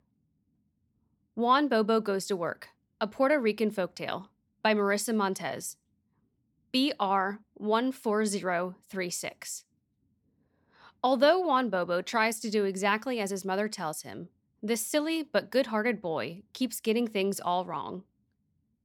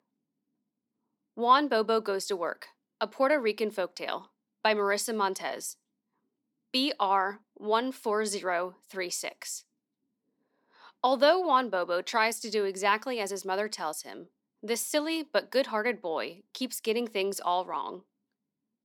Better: first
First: none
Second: thin; very slightly; fading below 300 Hz

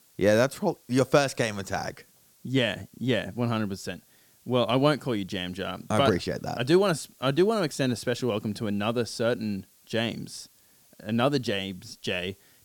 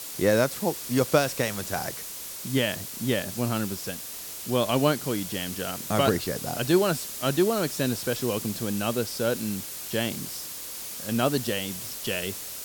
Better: first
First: hiss; faint; throughout; 30 dB below the speech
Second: hiss; loud; throughout; 7 dB below the speech

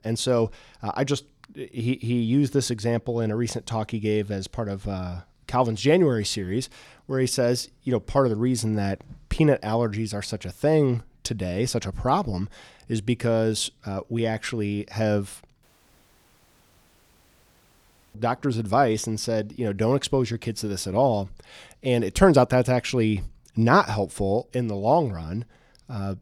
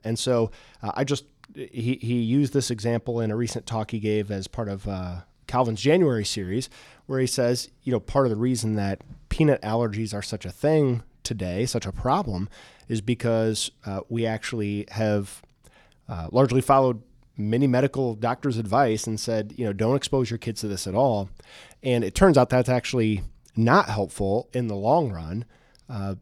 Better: second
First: audio cutting out; at 16 s for 2.5 s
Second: none

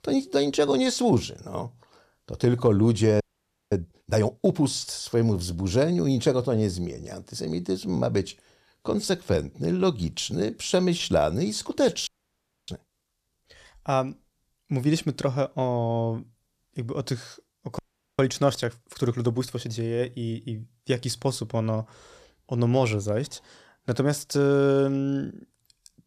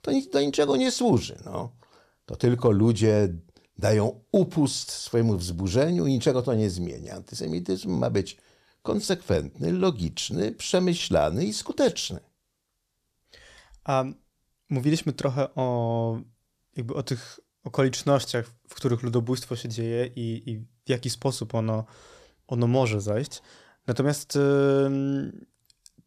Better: second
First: audio freezing; at 3 s for 0.5 s, at 12 s for 0.5 s and at 18 s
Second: none

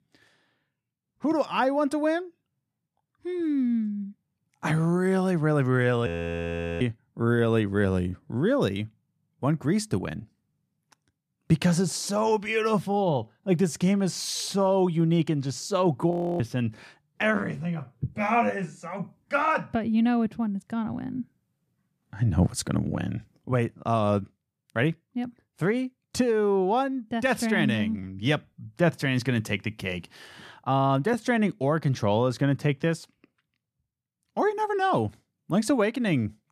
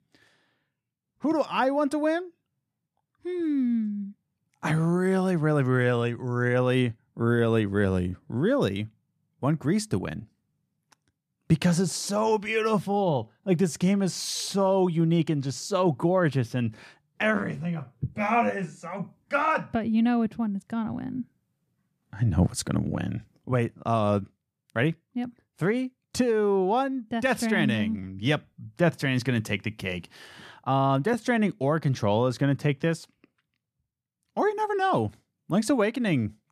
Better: second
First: audio freezing; at 6 s for 0.5 s and at 16 s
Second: none

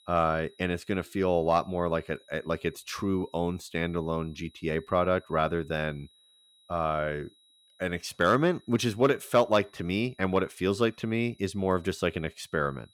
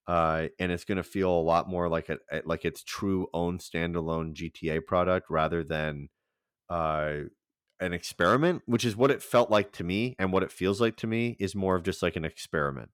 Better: second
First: high-pitched whine; faint; throughout; 4 kHz, 30 dB below the speech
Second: none

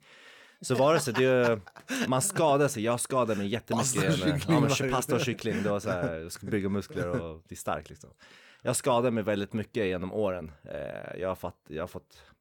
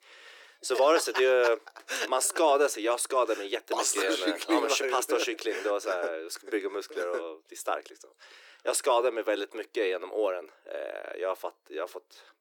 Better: first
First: none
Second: thin; very; fading below 300 Hz

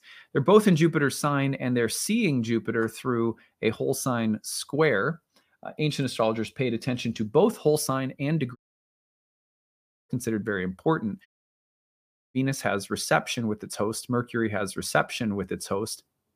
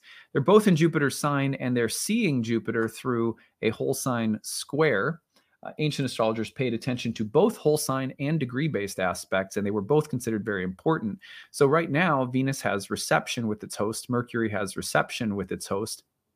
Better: second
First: audio cutting out; at 8.5 s for 1.5 s and at 11 s for 1 s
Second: none

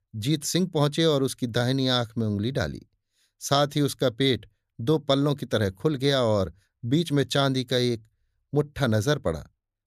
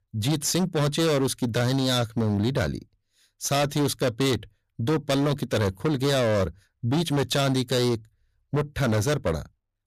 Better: first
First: none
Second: distortion; heavy; 21% of the sound clipped

